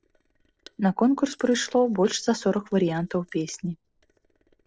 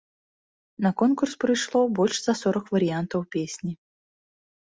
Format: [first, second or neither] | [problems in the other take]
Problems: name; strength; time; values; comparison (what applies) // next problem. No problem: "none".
second | noise reduction (neural separator model SepFormer DNS4)